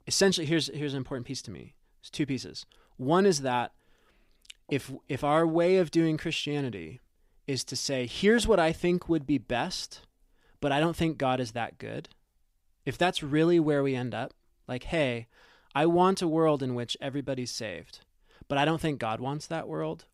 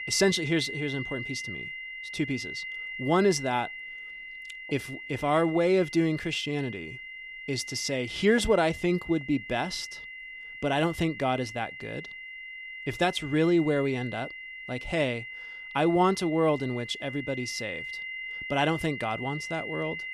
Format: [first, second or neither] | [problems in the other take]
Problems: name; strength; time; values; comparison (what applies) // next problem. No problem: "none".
first | high-pitched whine; loud; throughout; 2 kHz, 9 dB below the speech